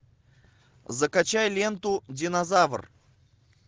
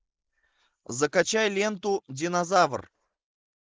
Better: first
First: none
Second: noise reduction (neural mask model Resemble Enhance denoiser)

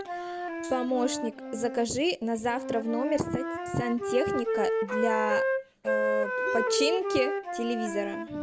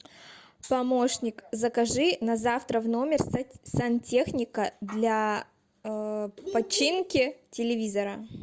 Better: second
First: background sound (Wind instrument, woodwind instrument); as loud as the speech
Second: none

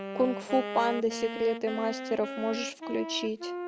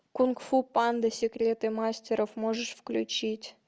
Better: second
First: background sound (Wind instrument, woodwind instrument); 7 dB below the speech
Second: none

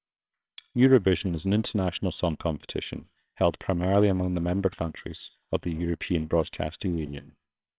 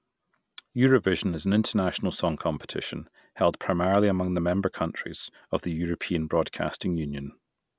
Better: second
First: noise reduction (neural separator model SepFormer WHAMR!)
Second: none

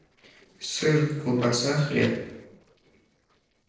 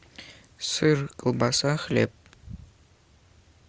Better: second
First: noise reduction (neural separator model SepFormer DNS4)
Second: none

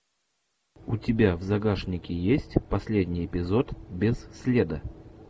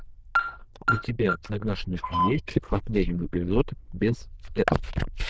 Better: first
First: none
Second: noise reduction (neural diffusion model UNIVERSE++)

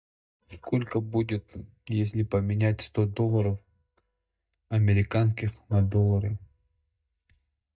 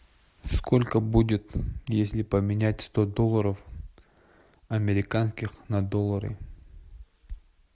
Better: second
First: noise reduction (neural mask model DeepFilterNet 3)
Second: none

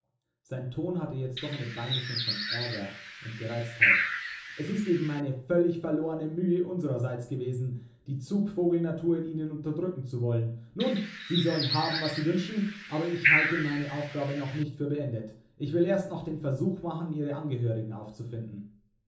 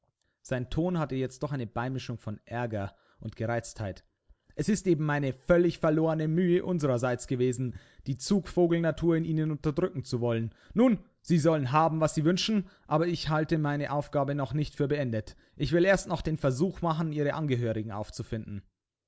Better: second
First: background sound (Bird); as loud as the speech // room echo; dies away in 1.2 s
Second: none

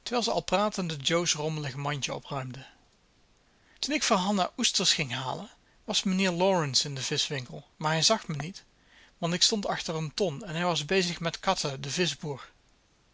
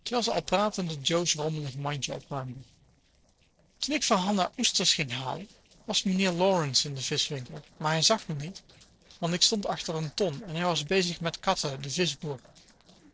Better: first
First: none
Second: noise reduction (neural separator model SepFormer DNS4)

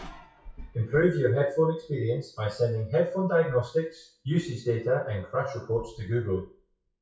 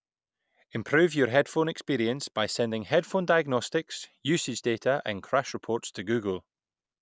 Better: second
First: noise reduction (classical method WPE with log-MMSE)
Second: none

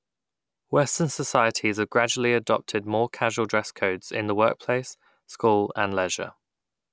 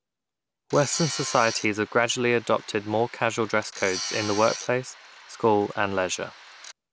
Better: first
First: none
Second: background sound (Tools); 12 dB below the speech

